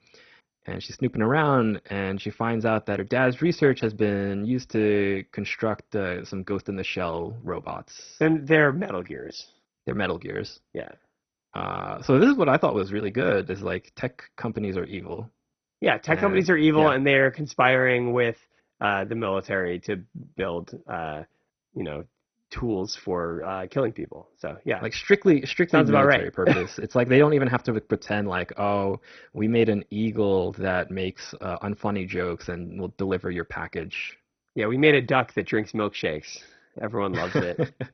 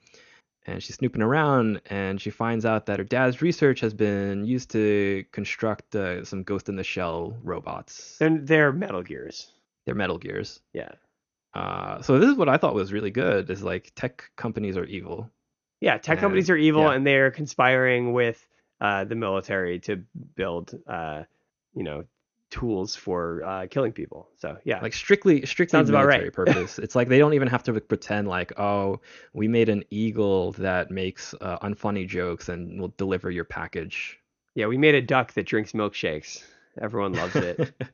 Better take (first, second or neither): second